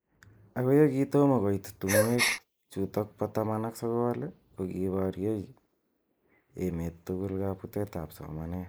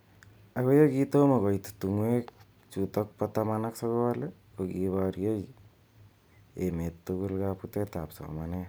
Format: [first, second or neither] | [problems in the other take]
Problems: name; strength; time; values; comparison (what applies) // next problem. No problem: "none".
second | noise reduction (neural mask model Resemble Enhance denoiser)